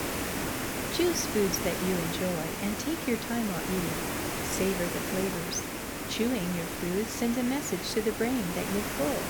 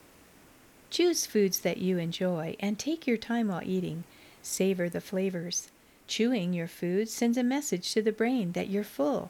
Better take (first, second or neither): second